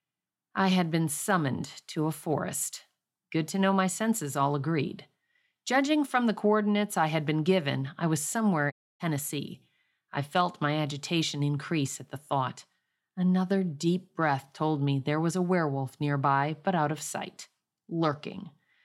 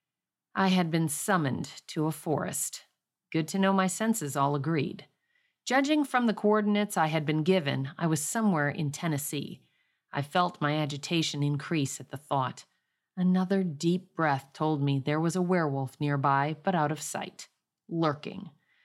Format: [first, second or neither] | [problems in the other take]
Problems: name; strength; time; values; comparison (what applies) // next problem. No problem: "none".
second | audio cutting out; at 8.5 s